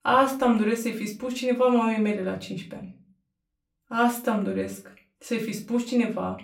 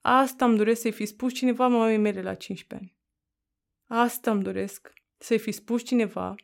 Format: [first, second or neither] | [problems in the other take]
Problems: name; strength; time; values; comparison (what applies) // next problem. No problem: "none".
second | off-mic speech; far // room echo; very slight; dies away in 0.3 s